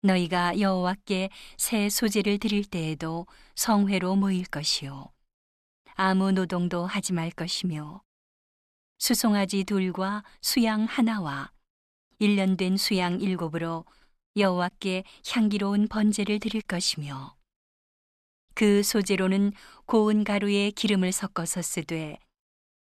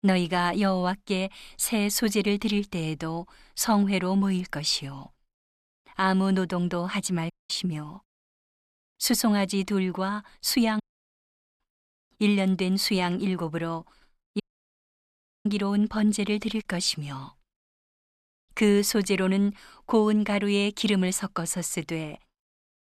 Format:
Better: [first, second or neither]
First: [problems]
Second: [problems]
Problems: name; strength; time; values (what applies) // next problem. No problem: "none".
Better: first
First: none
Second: audio cutting out; at 7.5 s, at 11 s for 1 s and at 14 s for 1 s